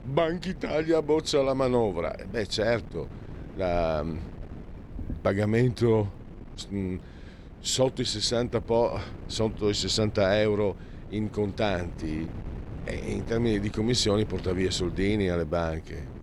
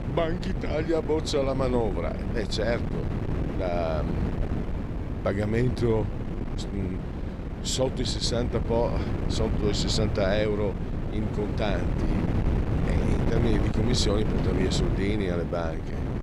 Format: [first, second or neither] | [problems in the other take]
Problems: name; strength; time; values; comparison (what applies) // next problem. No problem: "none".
first | wind noise on the microphone; heavy; 7 dB below the speech; occasional gusts in the first